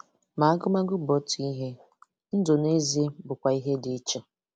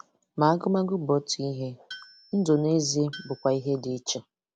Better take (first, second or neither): first